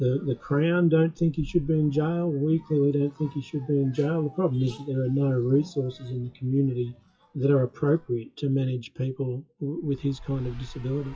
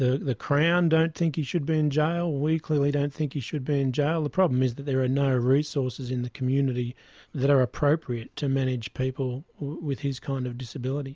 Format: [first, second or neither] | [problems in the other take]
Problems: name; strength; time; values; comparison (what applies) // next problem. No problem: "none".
second | noise reduction (classical method WPE with log-MMSE)